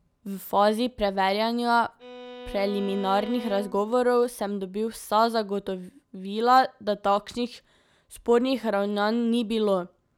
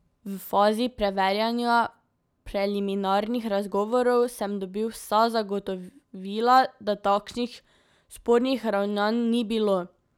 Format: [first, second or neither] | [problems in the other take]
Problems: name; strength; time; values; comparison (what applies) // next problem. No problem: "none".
second | background sound (Bowed string instrument); 14 dB below the speech